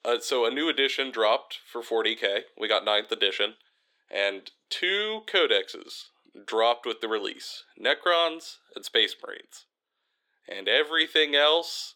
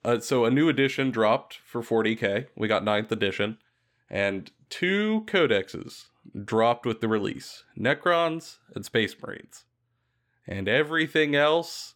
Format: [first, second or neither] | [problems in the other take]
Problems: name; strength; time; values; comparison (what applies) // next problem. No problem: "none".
second | thin; somewhat; fading below 350 Hz